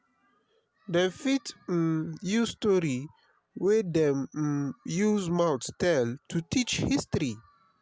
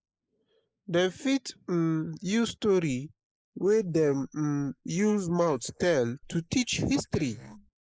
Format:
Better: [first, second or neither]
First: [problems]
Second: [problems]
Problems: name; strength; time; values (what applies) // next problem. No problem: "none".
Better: first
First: none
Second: noise reduction (neural mask model Resemble Enhance denoiser)